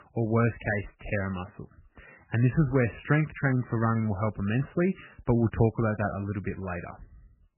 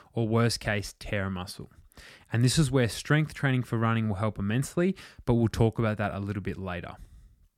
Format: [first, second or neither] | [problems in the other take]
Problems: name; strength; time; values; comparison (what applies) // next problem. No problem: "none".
second | garbled, watery; badly; nothing above 3 kHz